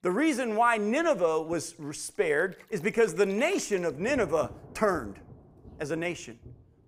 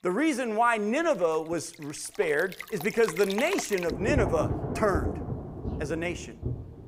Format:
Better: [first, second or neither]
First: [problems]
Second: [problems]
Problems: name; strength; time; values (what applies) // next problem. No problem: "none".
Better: first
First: rain or running water; faint; throughout; 25 dB below the speech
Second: rain or running water; loud; throughout; 7 dB below the speech